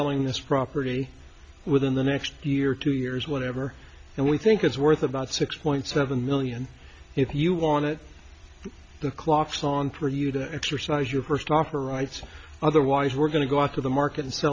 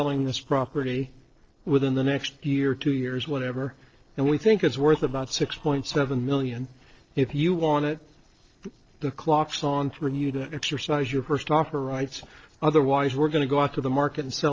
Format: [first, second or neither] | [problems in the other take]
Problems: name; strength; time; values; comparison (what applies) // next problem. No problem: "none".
first | noise reduction (neural separator model SepFormer DNS4)